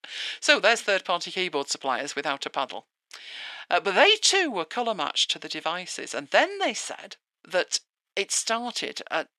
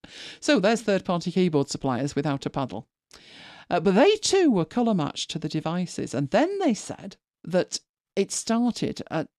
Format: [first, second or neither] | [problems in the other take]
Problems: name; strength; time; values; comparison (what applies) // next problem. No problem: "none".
second | thin; very; fading below 650 Hz